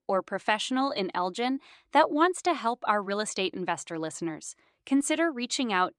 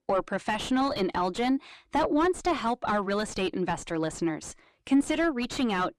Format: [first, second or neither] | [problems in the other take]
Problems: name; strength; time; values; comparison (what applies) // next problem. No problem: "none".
first | distortion; heavy; 5 dB below the speech